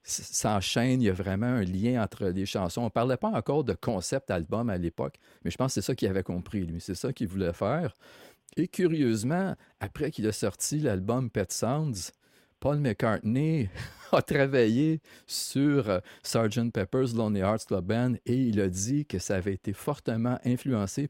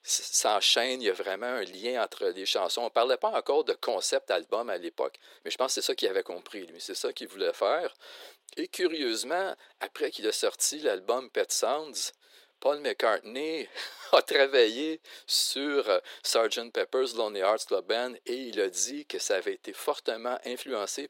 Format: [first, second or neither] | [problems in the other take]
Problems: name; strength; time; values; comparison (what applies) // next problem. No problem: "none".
first | thin; very; fading below 400 Hz